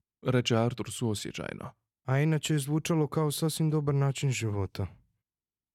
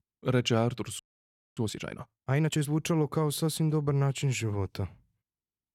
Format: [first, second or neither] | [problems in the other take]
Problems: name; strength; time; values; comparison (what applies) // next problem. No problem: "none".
first | audio freezing; at 1 s for 0.5 s